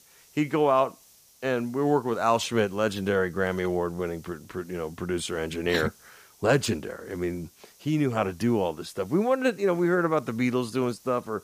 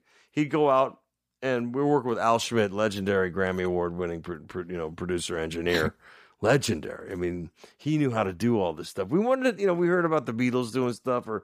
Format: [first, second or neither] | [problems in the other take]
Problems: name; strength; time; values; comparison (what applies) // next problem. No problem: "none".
second | hiss; faint; throughout; 25 dB below the speech